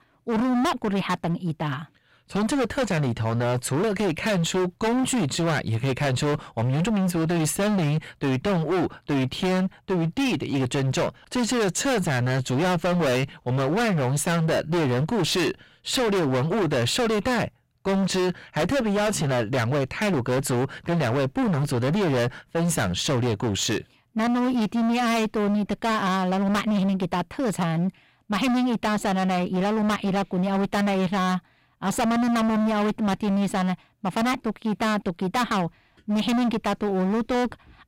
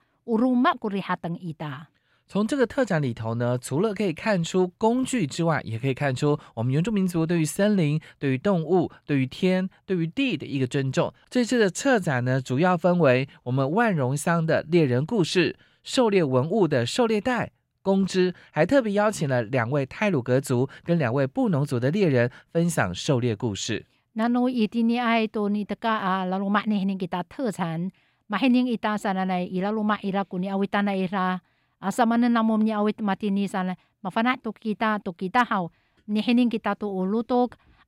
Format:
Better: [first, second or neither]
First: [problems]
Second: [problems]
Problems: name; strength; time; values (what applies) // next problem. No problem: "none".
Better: second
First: distortion; heavy; 33% of the sound clipped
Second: none